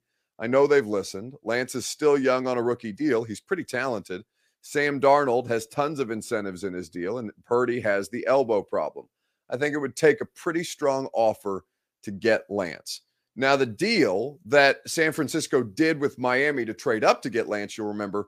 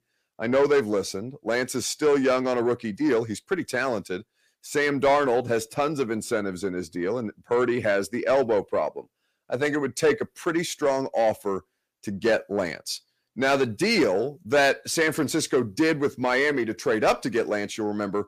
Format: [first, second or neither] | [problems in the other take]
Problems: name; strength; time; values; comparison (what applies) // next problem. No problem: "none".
first | distortion; slight; 10 dB below the speech